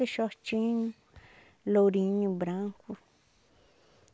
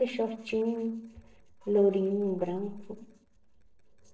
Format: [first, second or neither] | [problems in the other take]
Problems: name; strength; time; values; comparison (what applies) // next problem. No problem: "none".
first | noise reduction (neural separator model SepFormer DNS4)